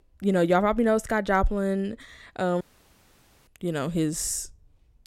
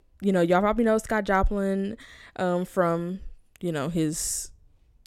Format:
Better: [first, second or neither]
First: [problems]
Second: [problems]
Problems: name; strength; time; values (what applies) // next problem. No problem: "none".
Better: second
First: audio cutting out; at 2.5 s for 1 s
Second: none